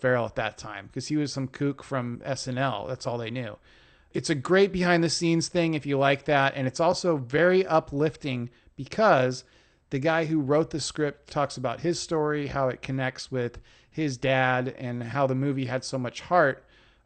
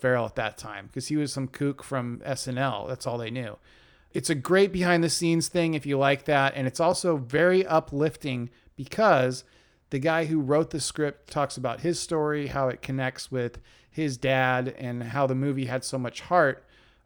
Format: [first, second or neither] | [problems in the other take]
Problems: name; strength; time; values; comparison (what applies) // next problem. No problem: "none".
second | garbled, watery; slightly; nothing above 8.5 kHz